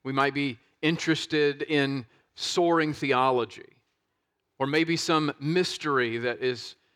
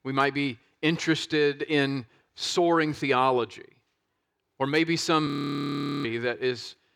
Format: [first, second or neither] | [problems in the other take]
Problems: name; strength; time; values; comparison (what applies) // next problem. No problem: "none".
first | audio freezing; at 5.5 s for 1 s